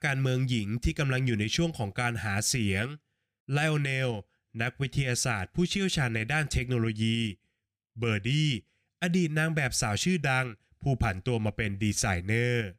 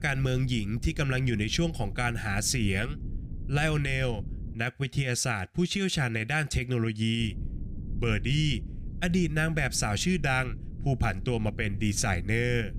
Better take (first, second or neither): first